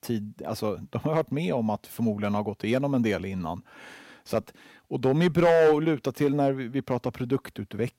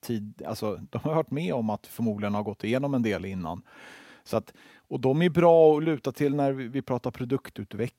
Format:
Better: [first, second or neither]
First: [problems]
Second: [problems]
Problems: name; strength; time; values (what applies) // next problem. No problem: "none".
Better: second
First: distortion; slight; 1.9% of the sound clipped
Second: none